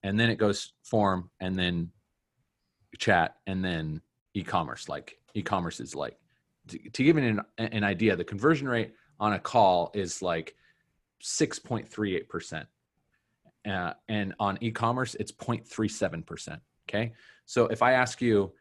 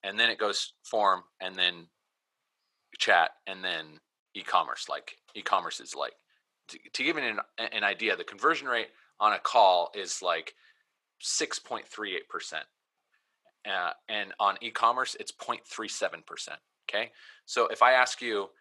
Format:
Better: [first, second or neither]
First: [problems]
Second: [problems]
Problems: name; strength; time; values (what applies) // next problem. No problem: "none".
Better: first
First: none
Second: thin; very; fading below 650 Hz